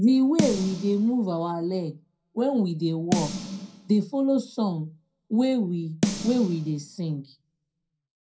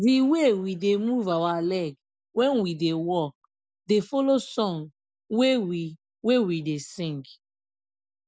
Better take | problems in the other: second | background sound (Snare drum); 7 dB below the speech // room echo; dies away in 0.2 s

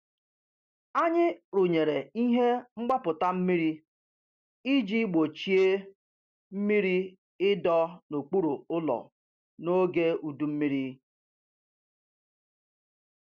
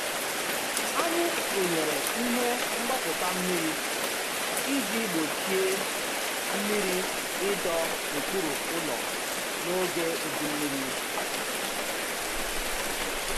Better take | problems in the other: first | background sound (Rain); 4 dB above the speech

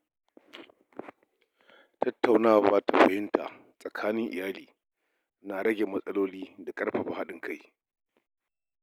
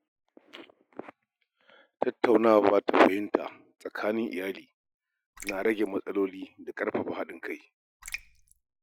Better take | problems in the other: first | noise reduction (classical method Wiener filter)

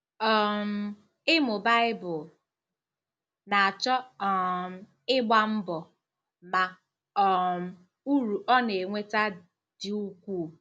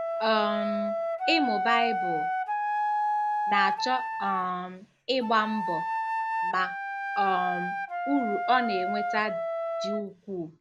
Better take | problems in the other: first | background sound (Wind instrument, woodwind instrument); as loud as the speech

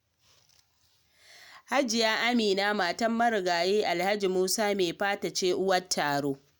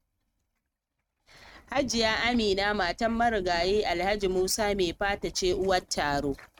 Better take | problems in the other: first | noise reduction (neural mask model RNNoise)

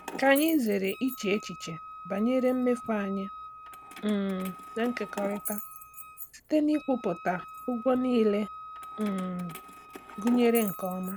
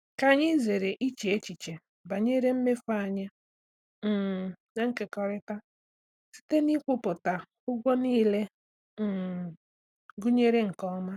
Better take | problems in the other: second | background sound (Wind instrument, woodwind instrument + Keys jangling); 13 dB below the speech

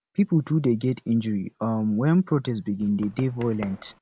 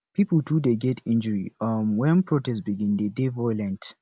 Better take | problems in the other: second | background sound (Run); 18 dB below the speech

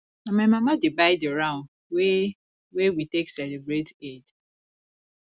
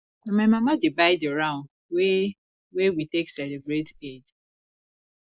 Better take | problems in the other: first | noise reduction (neural mask model Resemble Enhance denoiser)

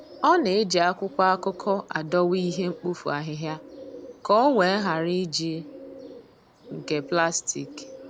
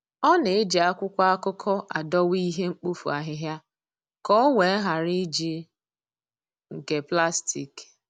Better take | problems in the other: second | background sound (Bird); 18 dB below the speech

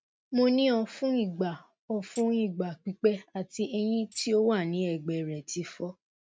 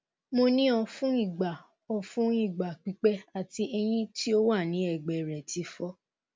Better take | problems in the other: second | noise reduction (neural mask model RNNoise)

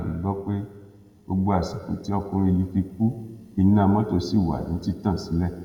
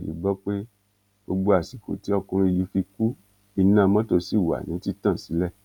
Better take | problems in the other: second | room echo; dies away in 1.4 s

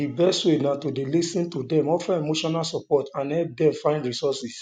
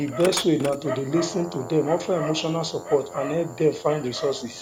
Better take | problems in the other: first | background sound (Dog); 10 dB below the speech

